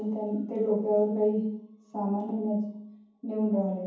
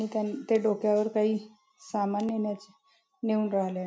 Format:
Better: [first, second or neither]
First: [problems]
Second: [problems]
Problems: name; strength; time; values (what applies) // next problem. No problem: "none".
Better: second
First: room echo; dies away in 1.2 s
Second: none